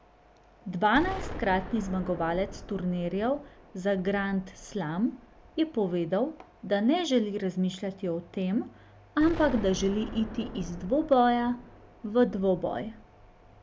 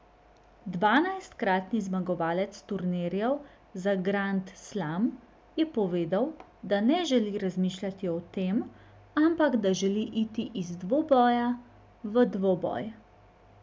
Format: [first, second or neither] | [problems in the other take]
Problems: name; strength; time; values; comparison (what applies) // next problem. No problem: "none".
second | background sound (Explosion); 14 dB below the speech